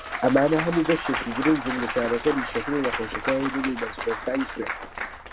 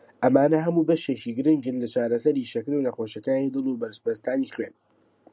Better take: second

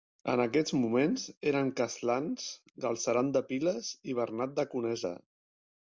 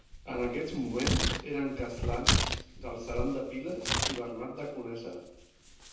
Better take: first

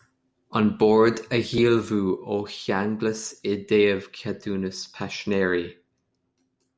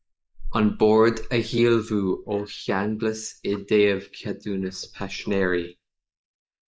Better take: first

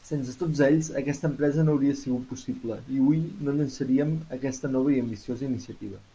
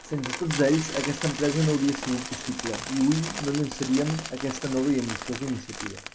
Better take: first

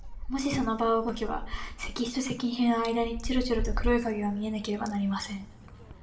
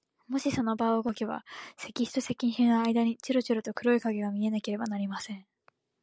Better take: second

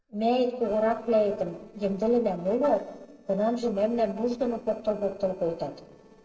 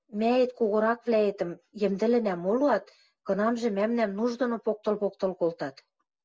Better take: second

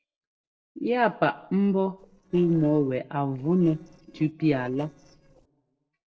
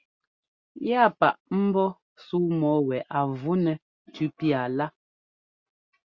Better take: second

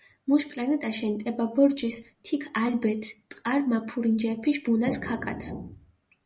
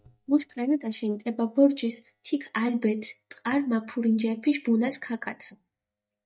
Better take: first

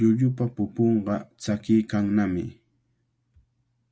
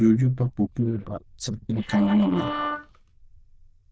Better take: first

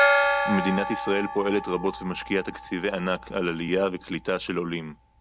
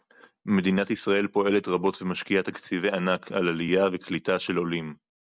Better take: second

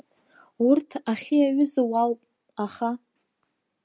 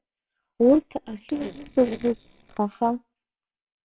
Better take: first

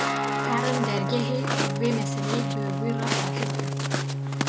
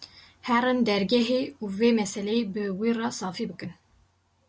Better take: second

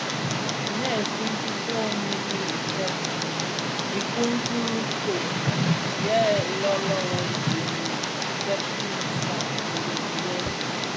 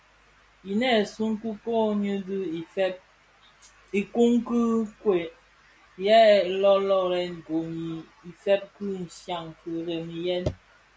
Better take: second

